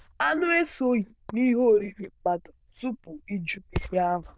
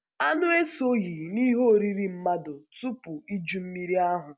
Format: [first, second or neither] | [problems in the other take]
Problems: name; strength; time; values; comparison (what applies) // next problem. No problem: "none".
second | noise reduction (neural diffusion model UNIVERSE++)